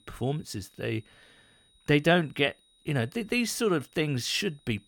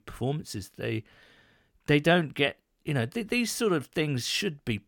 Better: second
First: high-pitched whine; faint; throughout; 4 kHz, 35 dB below the speech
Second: none

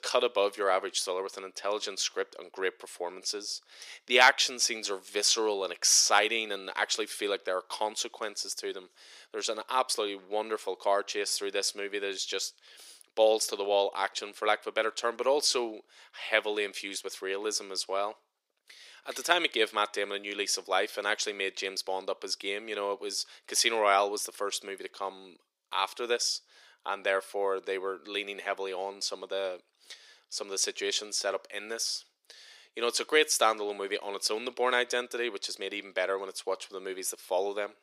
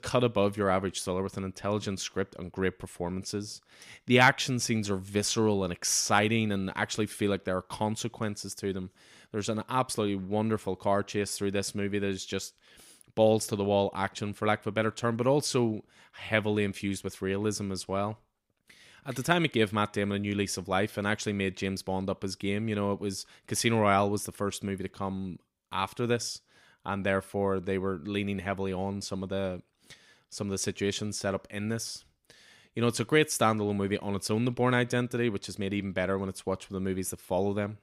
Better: second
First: thin; very; fading below 400 Hz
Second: none

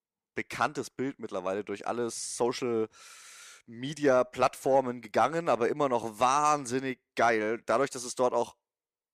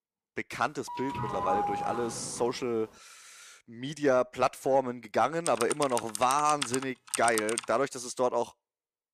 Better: first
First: none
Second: doorbell; loud; from 1 to 2.5 s; peak level with the speech // keyboard typing; noticeable; from 5.5 to 7.5 s; peak 2 dB below the speech

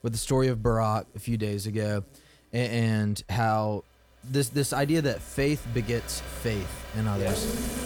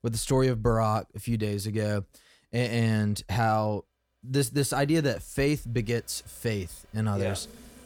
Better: second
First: animal sounds; loud; throughout; 10 dB below the speech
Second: animal sounds; faint; throughout; 30 dB below the speech

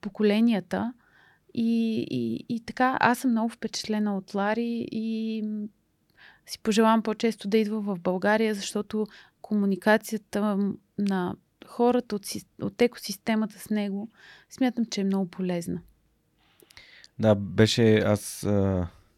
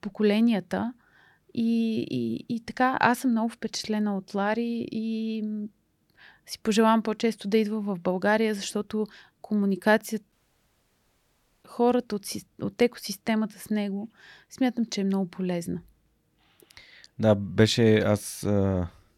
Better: first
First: none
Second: audio cutting out; at 10 s for 1.5 s

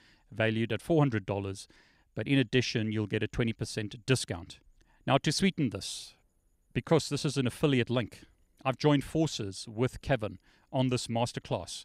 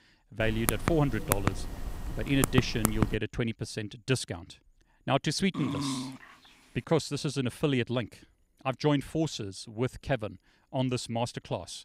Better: first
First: none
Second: keyboard typing; loud; until 3 s; peak 1 dB above the speech // dog barking; noticeable; at 5.5 s; peak 2 dB below the speech

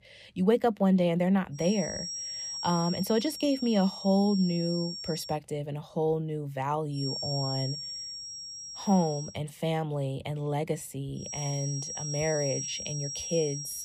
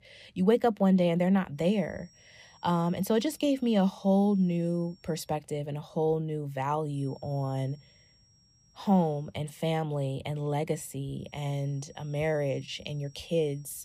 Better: second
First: high-pitched whine; loud; from 1.5 to 5.5 s, from 7 to 9.5 s and from 11 s on; 5.5 kHz, 6 dB below the speech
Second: high-pitched whine; faint; from 1.5 to 5.5 s, from 7 to 9.5 s and from 11 s on; 5.5 kHz, 30 dB below the speech

